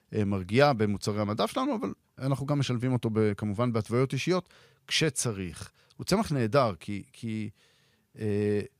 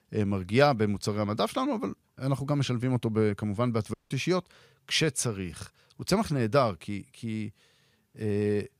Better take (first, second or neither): first